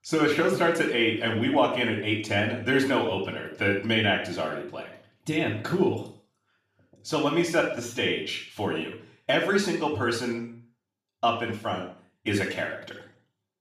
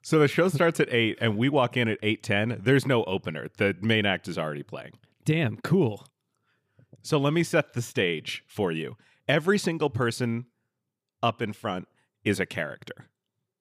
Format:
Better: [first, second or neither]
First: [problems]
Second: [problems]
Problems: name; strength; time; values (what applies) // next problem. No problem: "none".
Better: second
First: room echo; noticeable; dies away in 0.5 s // off-mic speech; far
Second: none